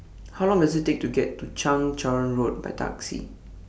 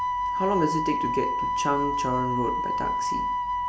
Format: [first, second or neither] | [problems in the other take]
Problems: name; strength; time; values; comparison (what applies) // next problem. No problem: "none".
first | background sound (Wind instrument, woodwind instrument); 3 dB above the speech